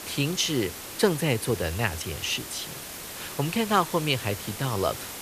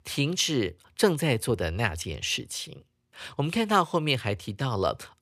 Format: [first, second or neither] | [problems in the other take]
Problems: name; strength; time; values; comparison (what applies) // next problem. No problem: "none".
second | hiss; loud; throughout; 9 dB below the speech